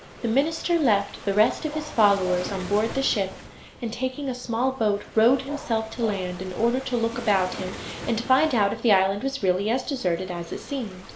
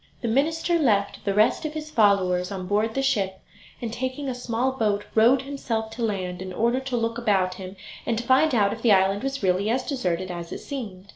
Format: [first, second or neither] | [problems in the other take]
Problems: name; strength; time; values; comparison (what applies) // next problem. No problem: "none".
second | background sound (Waves, surf + Dog); 15 dB below the speech